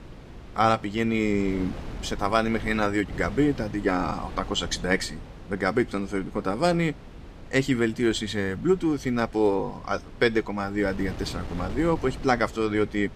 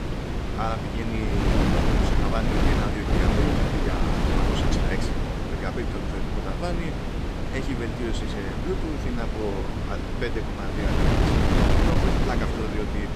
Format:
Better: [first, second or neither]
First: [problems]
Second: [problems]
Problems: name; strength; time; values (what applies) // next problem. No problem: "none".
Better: first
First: wind noise on the microphone; occasional gusts; 20 dB below the speech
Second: wind noise on the microphone; heavy; 4 dB above the speech